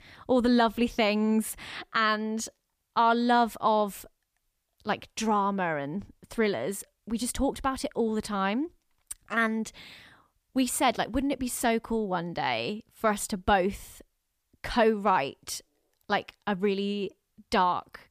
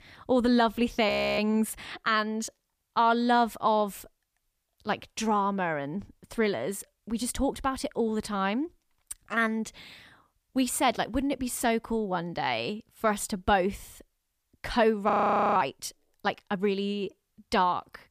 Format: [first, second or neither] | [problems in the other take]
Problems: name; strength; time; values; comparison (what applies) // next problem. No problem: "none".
first | audio freezing; at 1 s and at 15 s